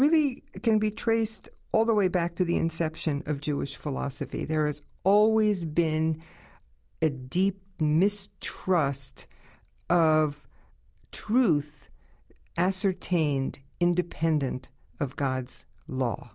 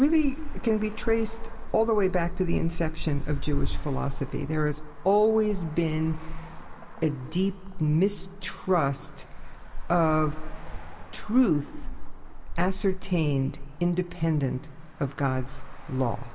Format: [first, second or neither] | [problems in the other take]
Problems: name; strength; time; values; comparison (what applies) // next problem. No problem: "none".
first | background sound (Traffic noise, roadway noise); 3 dB below the speech // room echo; dies away in 1.8 s